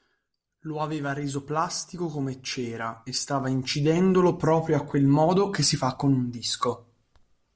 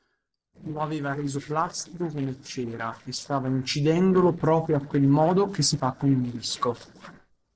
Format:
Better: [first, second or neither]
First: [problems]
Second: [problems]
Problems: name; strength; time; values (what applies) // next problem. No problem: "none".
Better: first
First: none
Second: noise reduction (neural separator model SepFormer DNS4)